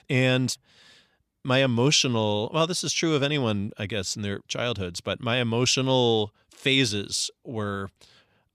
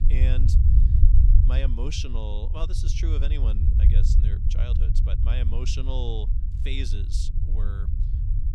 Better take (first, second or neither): first